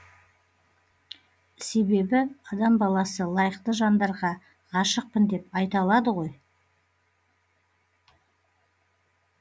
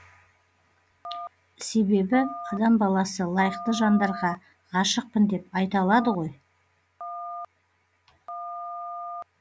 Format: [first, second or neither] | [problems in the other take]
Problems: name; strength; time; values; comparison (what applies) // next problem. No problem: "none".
first | background sound (Telephone); 12 dB below the speech